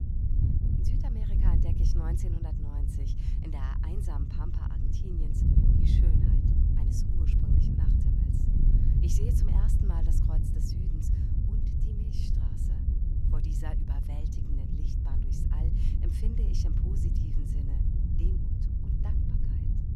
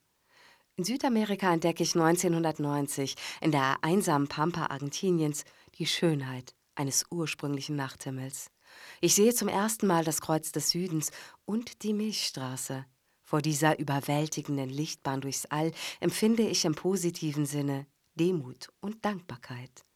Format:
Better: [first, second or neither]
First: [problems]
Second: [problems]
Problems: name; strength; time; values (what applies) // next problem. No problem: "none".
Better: second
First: wind noise on the microphone; heavy; 5 dB above the speech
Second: none